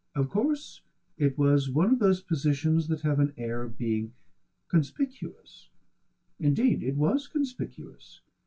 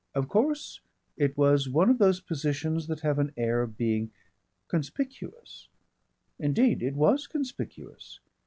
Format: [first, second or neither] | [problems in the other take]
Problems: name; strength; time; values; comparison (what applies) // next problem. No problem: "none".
second | room echo; dies away in 0.1 s